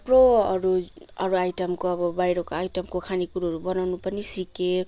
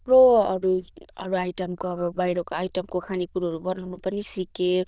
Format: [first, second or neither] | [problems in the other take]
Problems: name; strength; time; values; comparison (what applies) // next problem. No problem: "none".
first | noise reduction (neural diffusion model UNIVERSE++)